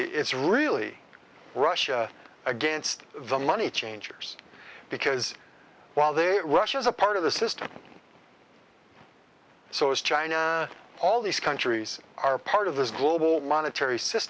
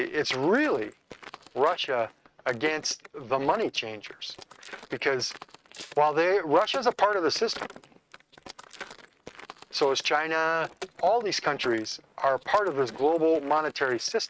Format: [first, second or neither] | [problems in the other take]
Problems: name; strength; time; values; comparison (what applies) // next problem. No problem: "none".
first | noise reduction (neural mask model RNNoise)